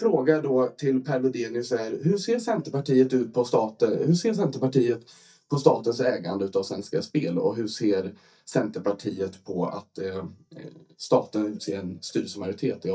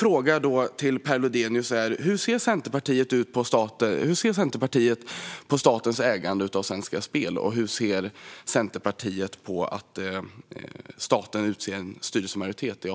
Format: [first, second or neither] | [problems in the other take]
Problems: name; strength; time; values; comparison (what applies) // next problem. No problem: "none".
second | noise reduction (neural mask model DeepFilterNet 3)